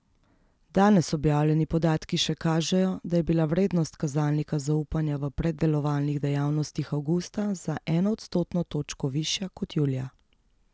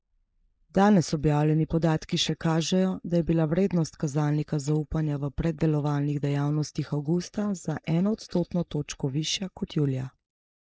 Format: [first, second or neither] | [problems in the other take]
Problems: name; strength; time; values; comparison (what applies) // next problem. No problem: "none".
first | noise reduction (neural mask model Resemble Enhance denoiser)